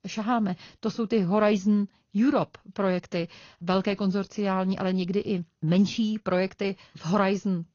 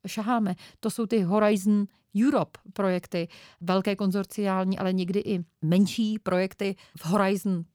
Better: second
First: garbled, watery; slightly; nothing above 6.5 kHz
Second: none

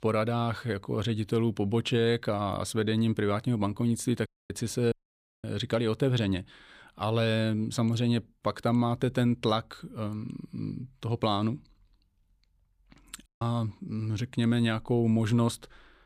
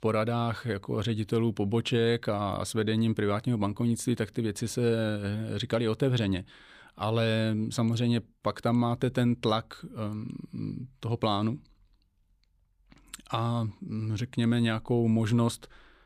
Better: second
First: audio cutting out; at 4.5 s, at 5 s for 0.5 s and at 13 s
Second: none

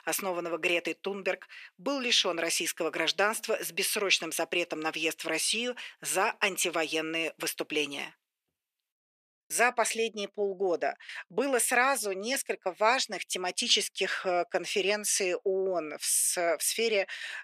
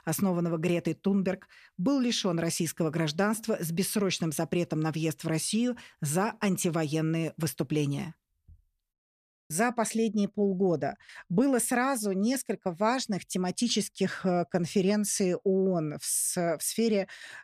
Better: second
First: thin; very; fading below 400 Hz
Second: none

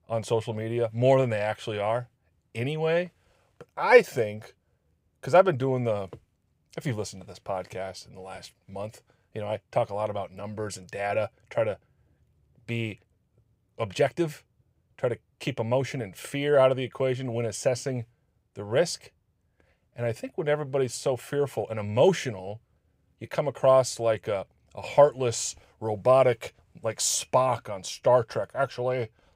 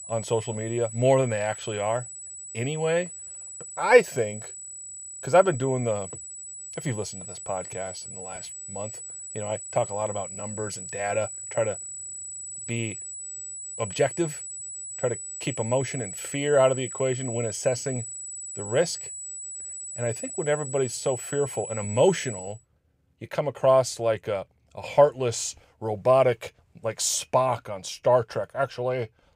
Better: first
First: none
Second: high-pitched whine; loud; until 22 s; 8 kHz, 9 dB below the speech

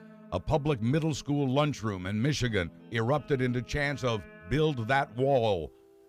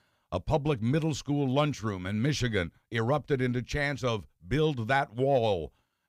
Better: second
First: background music; faint; throughout; 25 dB below the speech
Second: none

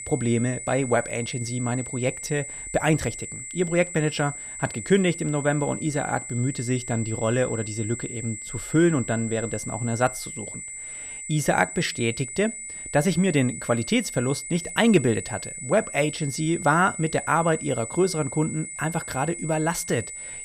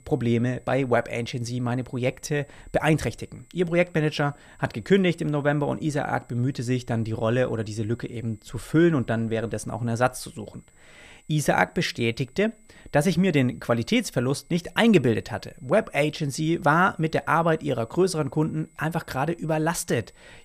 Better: second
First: high-pitched whine; loud; throughout; 8 kHz, 9 dB below the speech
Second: high-pitched whine; faint; throughout; 8 kHz, 35 dB below the speech

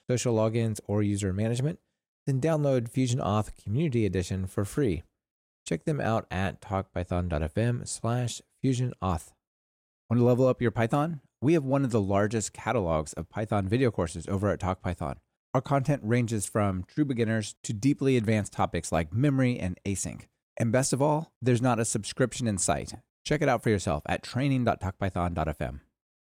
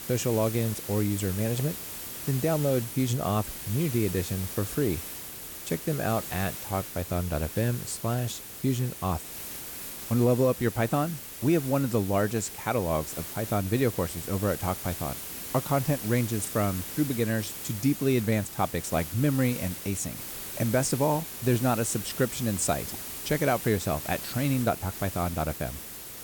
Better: first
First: none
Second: hiss; loud; throughout; 8 dB below the speech

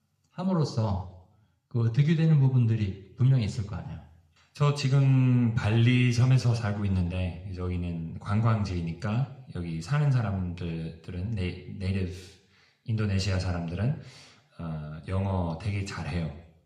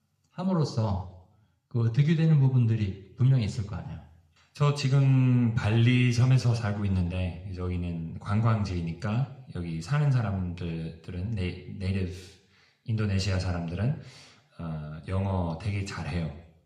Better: neither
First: room echo; slight; dies away in 0.7 s // off-mic speech; somewhat distant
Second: room echo; slight; dies away in 0.7 s // off-mic speech; somewhat distant

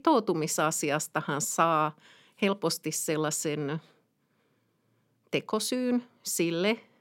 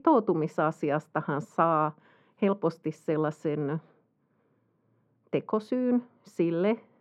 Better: first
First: none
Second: muffled; very; fading above 3 kHz

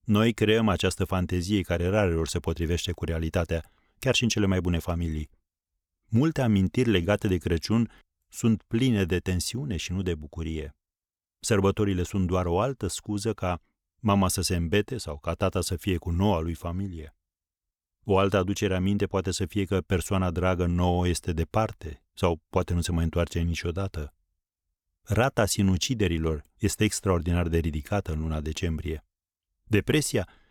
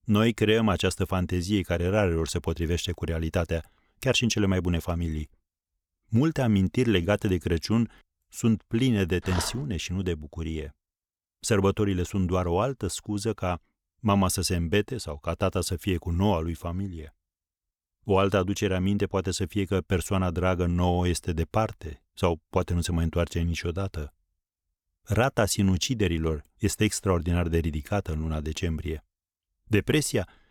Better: first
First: none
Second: dog barking; noticeable; at 9.5 s; peak 8 dB below the speech

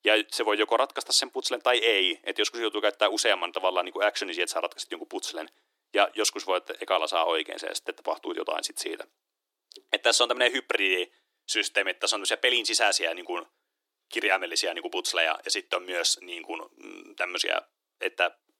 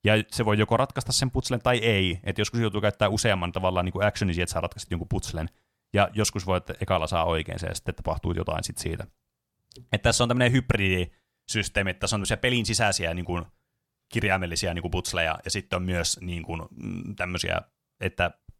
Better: second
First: thin; very; fading below 300 Hz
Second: none

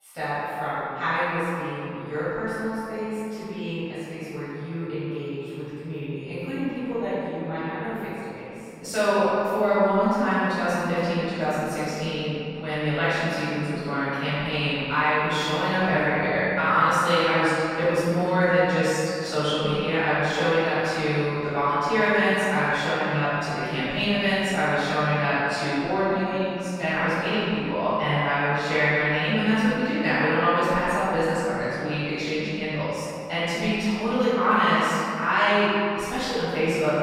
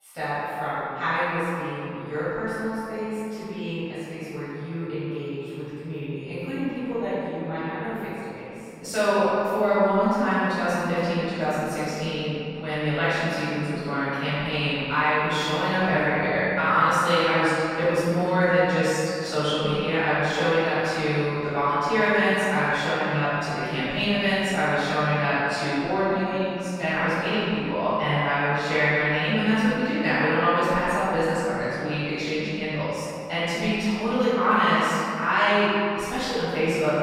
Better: neither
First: off-mic speech; far // room echo; strong; dies away in 2.6 s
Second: off-mic speech; far // room echo; strong; dies away in 2.6 s

